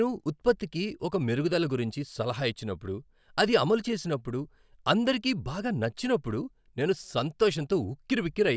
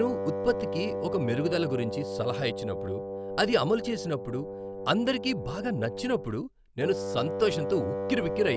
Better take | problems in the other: first | background sound (Wind instrument, woodwind instrument); 4 dB below the speech

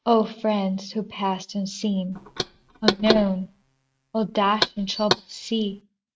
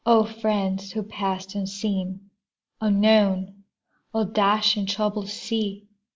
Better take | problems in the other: second | noise reduction (neural mask model RNNoise)

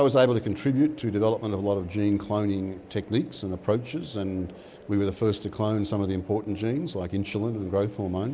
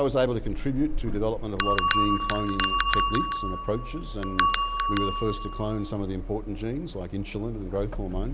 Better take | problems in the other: first | background sound (Bell); 1 dB above the speech

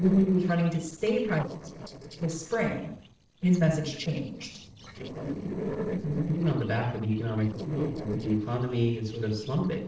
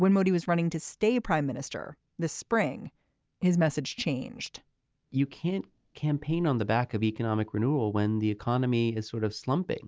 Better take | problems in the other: second | noise reduction (neural separator model SepFormer DNS4)

